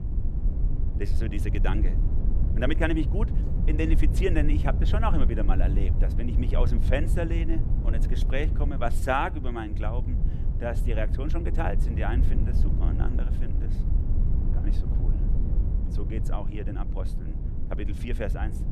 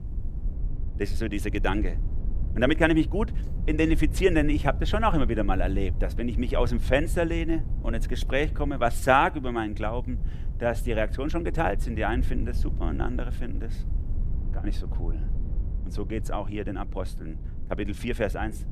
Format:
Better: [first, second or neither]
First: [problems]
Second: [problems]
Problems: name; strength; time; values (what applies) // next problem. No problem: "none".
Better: second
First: low rumble; loud; throughout; 10 dB below the speech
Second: low rumble; faint; throughout; 20 dB below the speech